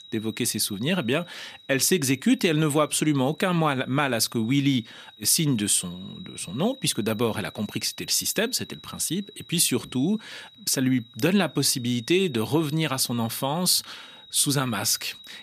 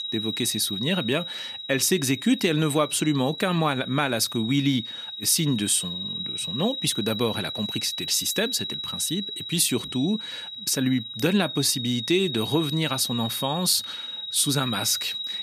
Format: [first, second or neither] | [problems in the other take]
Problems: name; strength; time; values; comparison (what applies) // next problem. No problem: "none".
first | high-pitched whine; loud; throughout; 4 kHz, 6 dB below the speech; faint in the first